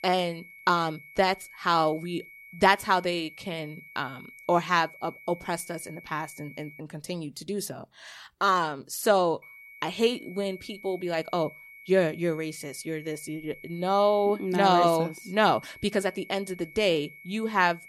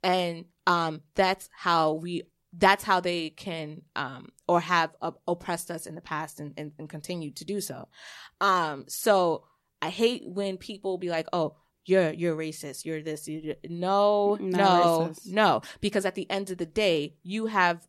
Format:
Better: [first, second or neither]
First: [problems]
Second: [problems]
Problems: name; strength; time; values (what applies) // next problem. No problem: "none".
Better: second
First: high-pitched whine; noticeable; until 7 s and from 9.5 s on; 2 kHz, 20 dB below the speech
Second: none